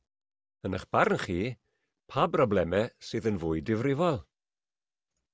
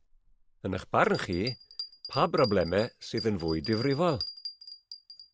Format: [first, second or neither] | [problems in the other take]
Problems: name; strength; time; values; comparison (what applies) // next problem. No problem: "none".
first | background sound (Bell); 13 dB below the speech